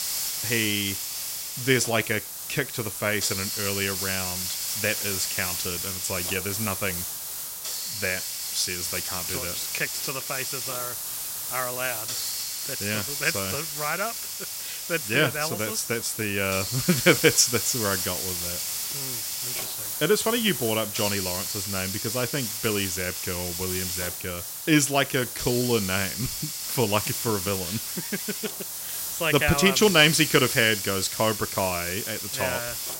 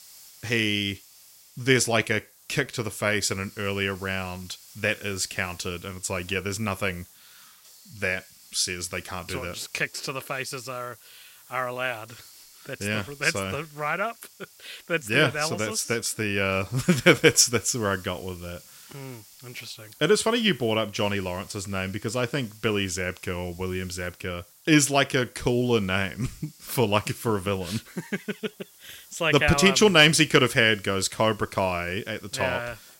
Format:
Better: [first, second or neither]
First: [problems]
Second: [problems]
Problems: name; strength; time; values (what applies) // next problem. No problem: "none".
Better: second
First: hiss; loud; throughout; 3 dB below the speech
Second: hiss; faint; throughout; 25 dB below the speech